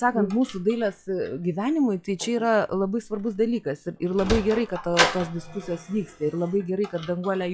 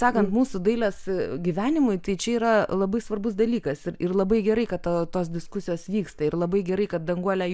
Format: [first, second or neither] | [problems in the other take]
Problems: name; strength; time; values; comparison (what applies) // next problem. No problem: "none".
second | noise reduction (classical method log-MMSE)